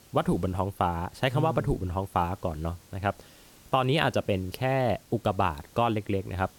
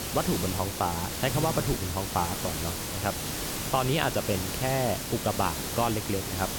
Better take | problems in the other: first | hiss; loud; throughout; 2 dB below the speech; faint in the first

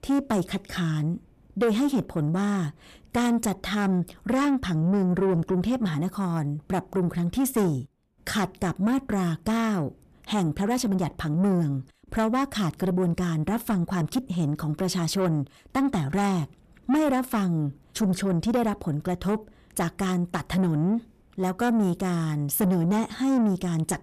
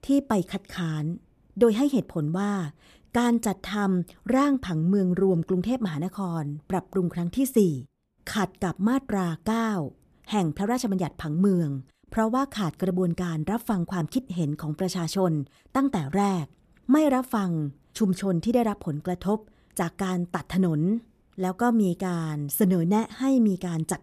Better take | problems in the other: second | distortion; slight; 10 dB below the speech

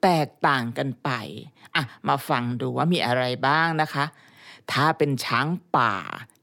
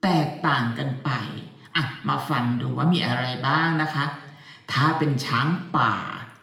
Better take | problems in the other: first | room echo; slight; dies away in 0.8 s // off-mic speech; somewhat distant

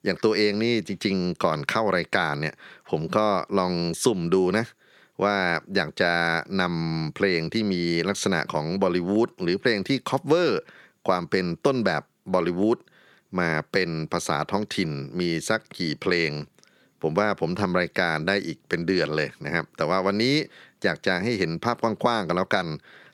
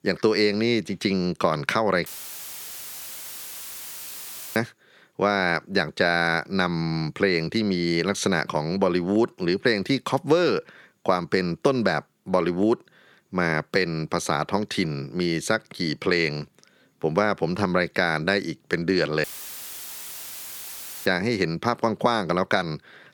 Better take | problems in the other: first | audio cutting out; filled with static; at 2 s for 2.5 s and at 19 s for 2 s

